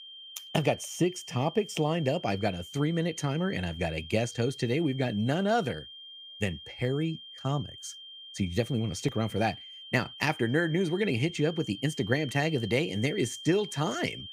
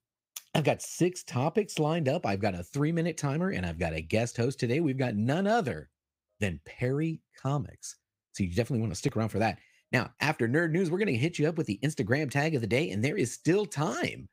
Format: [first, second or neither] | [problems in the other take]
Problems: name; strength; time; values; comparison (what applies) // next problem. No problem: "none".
second | high-pitched whine; noticeable; throughout; 3 kHz, 15 dB below the speech